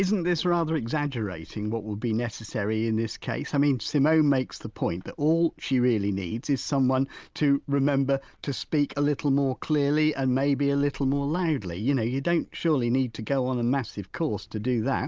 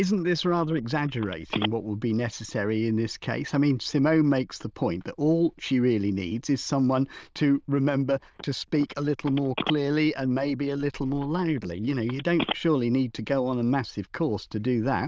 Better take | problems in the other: first | noise reduction (neural diffusion model UNIVERSE++)

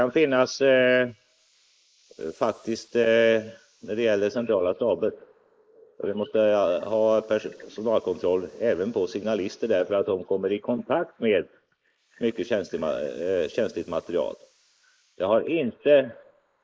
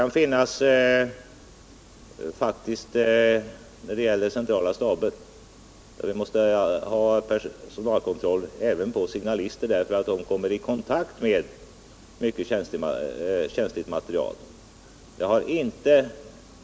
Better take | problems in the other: second | noise reduction (neural mask model Resemble Enhance denoiser)

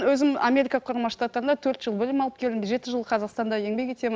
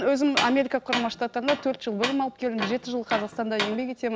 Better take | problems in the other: first | background sound (Tools); 7 dB below the speech

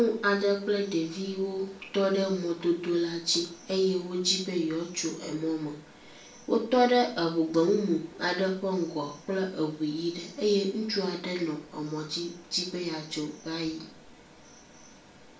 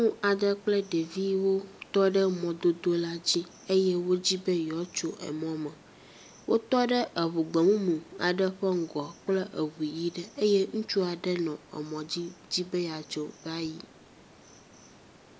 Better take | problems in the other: second | room echo; dies away in 0.4 s

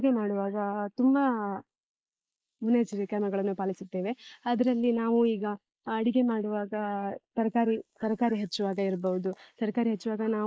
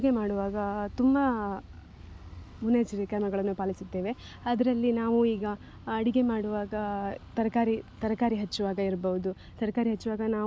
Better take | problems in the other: second | noise reduction (neural mask model Resemble Enhance denoiser)

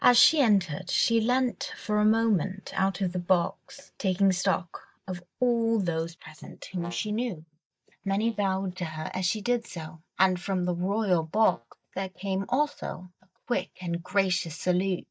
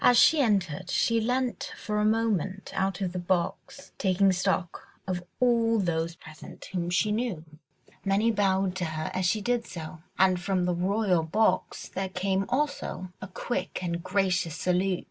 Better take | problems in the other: second | noise reduction (neural mask model DeepFilterNet 3)

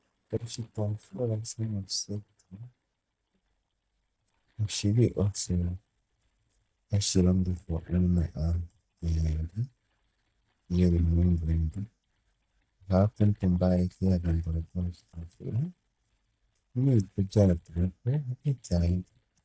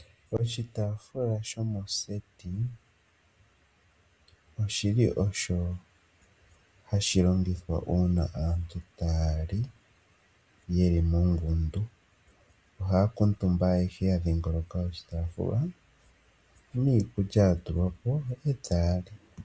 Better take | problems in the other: second | noise reduction (neural mask model DeepFilterNet 3)

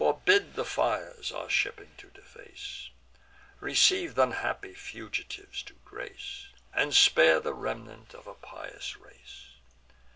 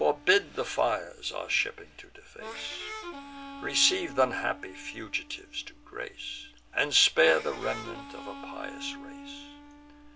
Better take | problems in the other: first | background sound (Harmonica); 14 dB below the speech

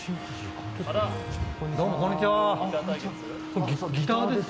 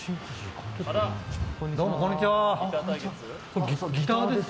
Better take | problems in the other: second | background sound (Harp); 11 dB below the speech

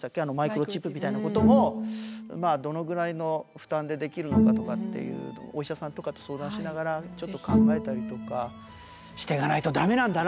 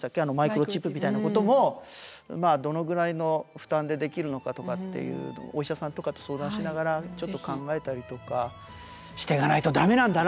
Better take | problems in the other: second | background sound (Bowed string instrument); as loud as the speech

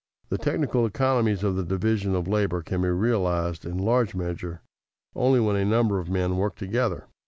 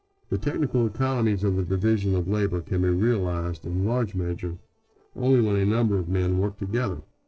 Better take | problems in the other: first | noise reduction (neural separator model SepFormer DNS4)

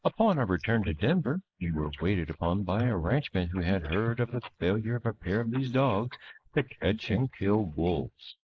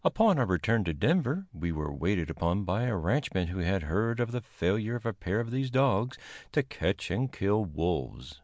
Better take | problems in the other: second | noise reduction (neural mask model Resemble Enhance denoiser)

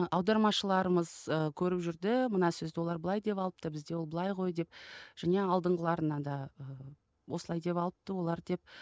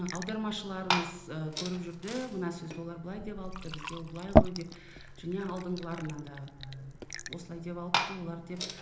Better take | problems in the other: first | background sound (Fill (with liquid) / Glass); 4 dB above the speech // room echo; dies away in 1 s

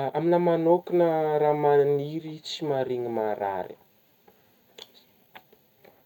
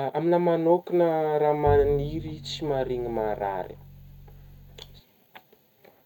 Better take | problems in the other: first | background sound (Bowed string instrument); 11 dB below the speech

